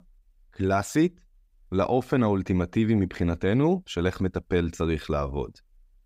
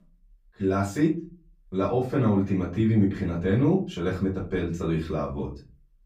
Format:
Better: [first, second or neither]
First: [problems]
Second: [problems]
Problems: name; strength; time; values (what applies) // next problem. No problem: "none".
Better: first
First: none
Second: off-mic speech; far // room echo; very slight; dies away in 0.4 s